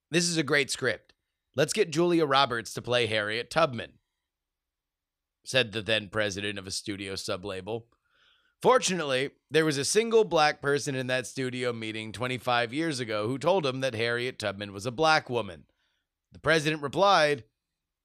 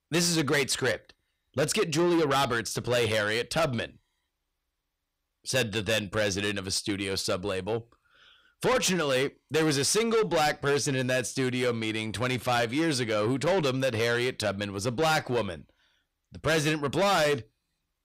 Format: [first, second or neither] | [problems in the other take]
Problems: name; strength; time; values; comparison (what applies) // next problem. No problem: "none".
first | distortion; heavy; 6 dB below the speech